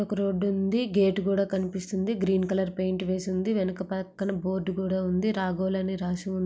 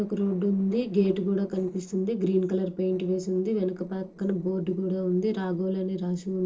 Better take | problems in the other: first | noise reduction (neural separator model SepFormer DNS4)

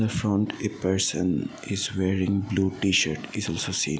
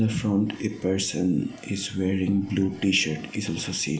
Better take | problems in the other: first | room echo; dies away in 0.5 s

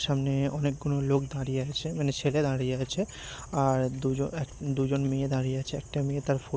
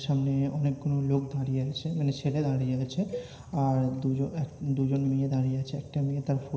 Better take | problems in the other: first | background sound (Cowbell); 17 dB below the speech // room echo; dies away in 0.9 s

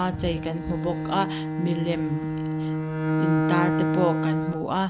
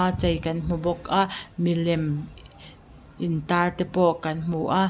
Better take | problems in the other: second | background sound (Bowed string instrument); 1 dB above the speech

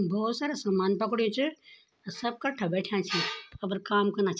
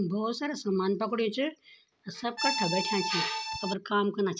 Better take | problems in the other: first | background sound (Accordion); 1 dB below the speech

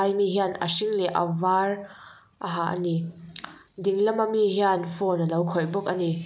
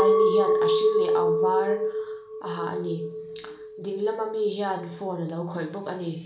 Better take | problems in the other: first | background sound (Chink, clink); 5 dB above the speech // room echo; dies away in 0.4 s

